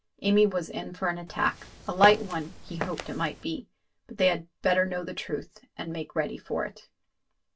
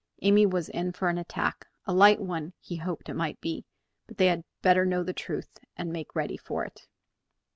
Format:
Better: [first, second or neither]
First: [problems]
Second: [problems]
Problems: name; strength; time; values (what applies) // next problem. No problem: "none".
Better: second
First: background sound (Walk, footsteps); 8 dB below the speech // room echo; dies away in 0.1 s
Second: none